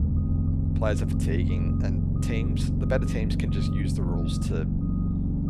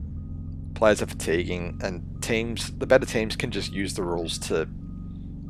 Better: second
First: low rumble; loud; throughout; 1 dB below the speech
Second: low rumble; faint; throughout; 20 dB below the speech

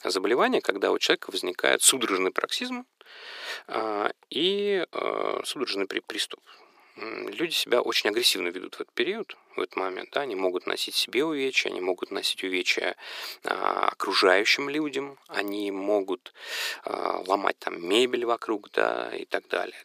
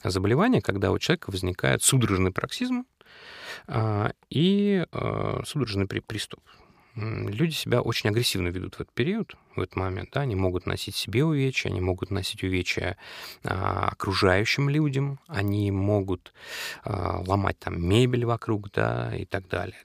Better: second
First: thin; somewhat; fading below 350 Hz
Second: none

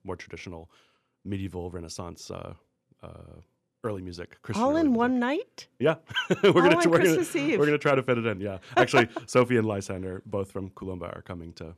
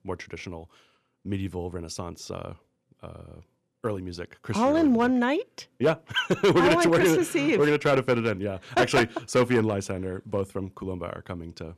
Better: first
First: none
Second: distortion; slight; 4% of the sound clipped

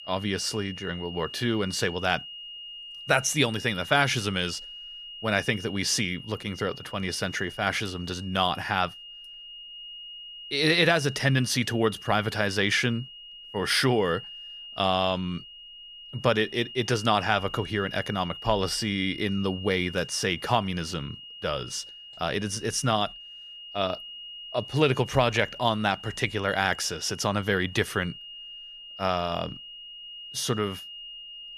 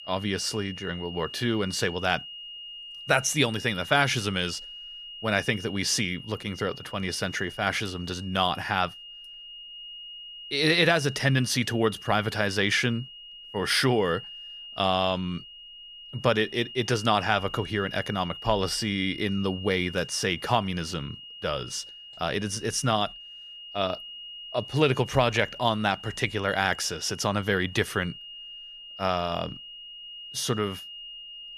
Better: neither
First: high-pitched whine; noticeable; throughout; 3 kHz, 15 dB below the speech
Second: high-pitched whine; noticeable; throughout; 3 kHz, 15 dB below the speech

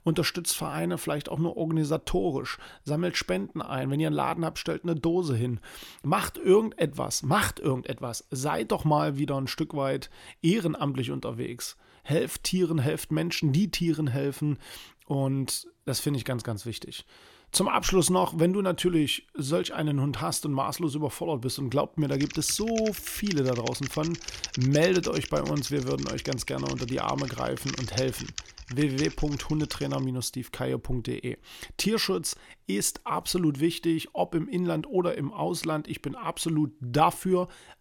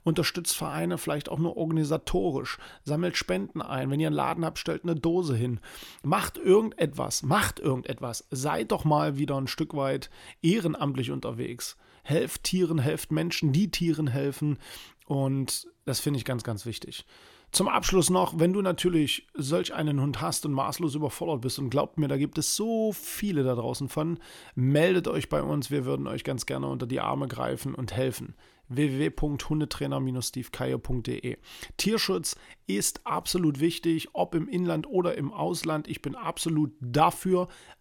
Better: second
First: keyboard typing; noticeable; from 22 to 30 s; peak 5 dB below the speech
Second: none

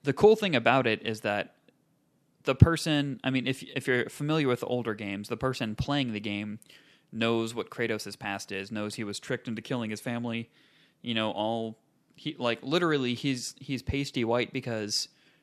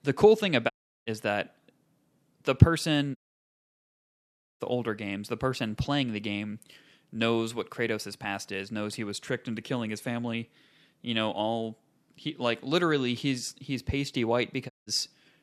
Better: first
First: none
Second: audio cutting out; at 0.5 s, at 3 s for 1.5 s and at 15 s

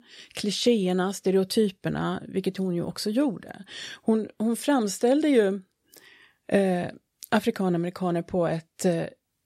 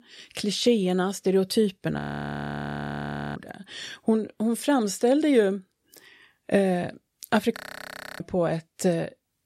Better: first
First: none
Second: audio freezing; at 2 s for 1.5 s and at 7.5 s for 0.5 s

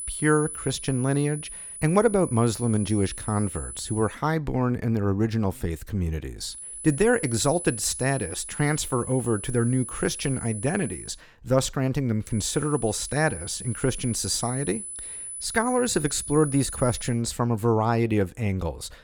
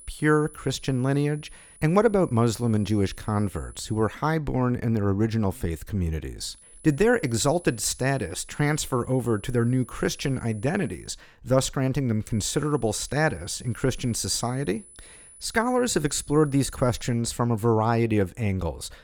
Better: second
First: high-pitched whine; loud; until 4 s, from 6.5 to 11 s and from 12 to 17 s; 10 kHz, 9 dB below the speech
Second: high-pitched whine; faint; until 4 s, from 6.5 to 11 s and from 12 to 17 s; 10 kHz, 20 dB below the speech

